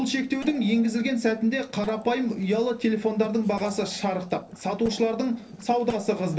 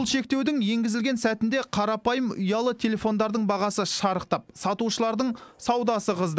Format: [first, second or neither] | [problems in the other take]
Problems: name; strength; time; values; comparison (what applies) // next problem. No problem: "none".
second | noise reduction (neural separator model SepFormer DNS4)